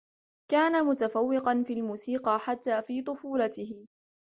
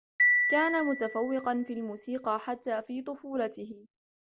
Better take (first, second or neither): first